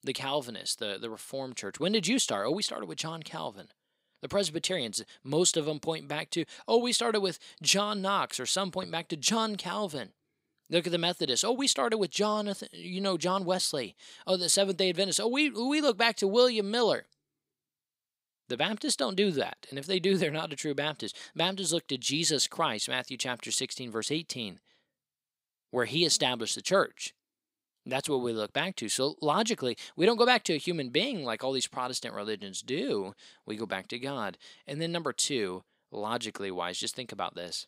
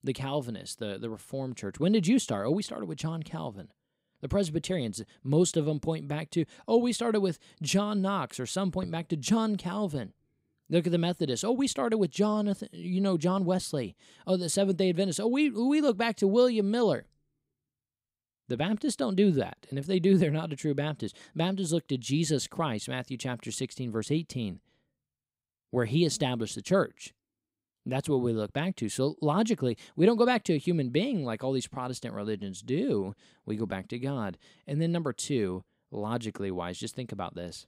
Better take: second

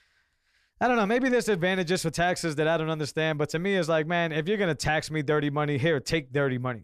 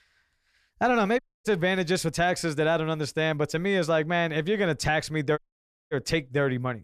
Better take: first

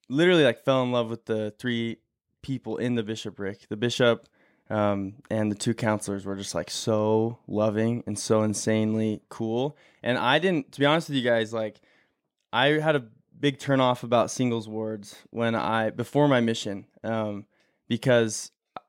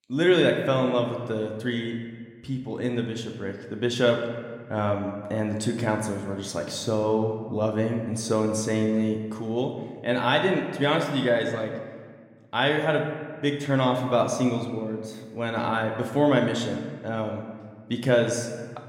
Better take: first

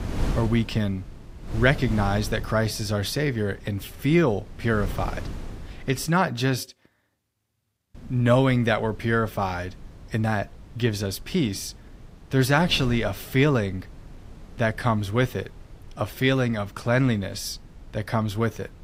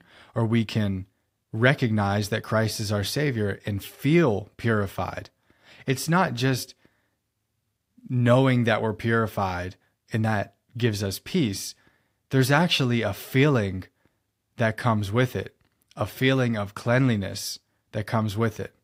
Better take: second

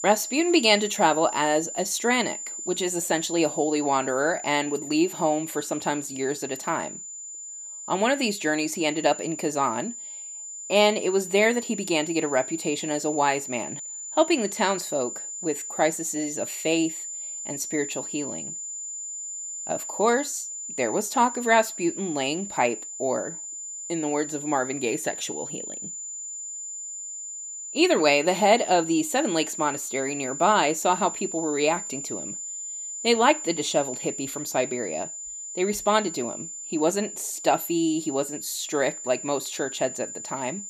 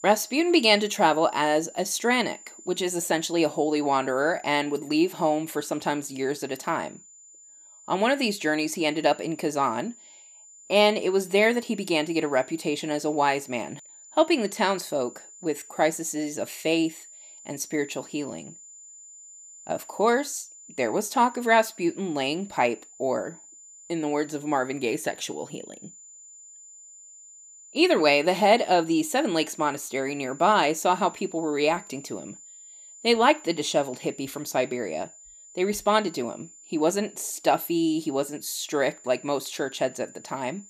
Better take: second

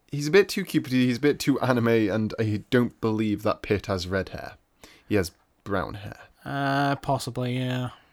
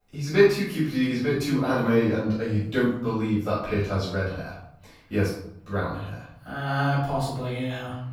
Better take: first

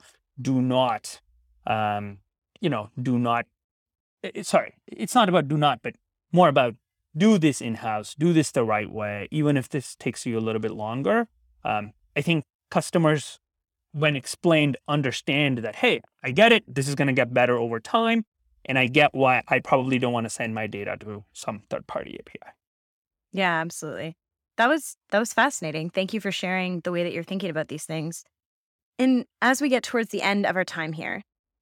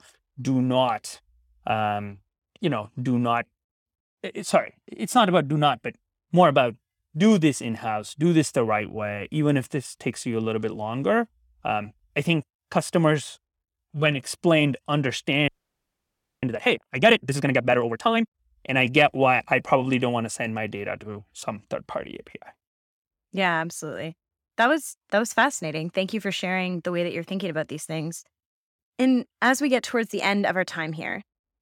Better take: first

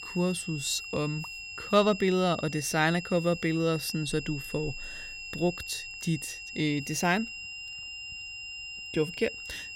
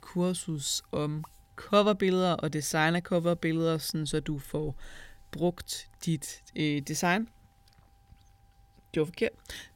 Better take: second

